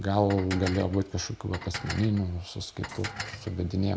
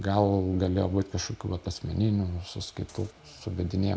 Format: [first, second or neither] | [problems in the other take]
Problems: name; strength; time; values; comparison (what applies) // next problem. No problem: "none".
second | background sound (Dishes, pots, and pans); 12 dB below the speech